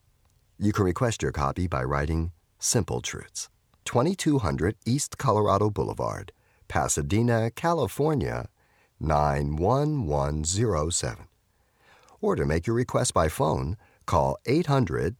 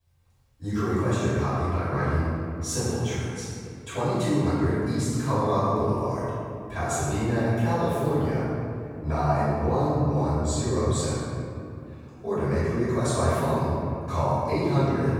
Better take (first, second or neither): first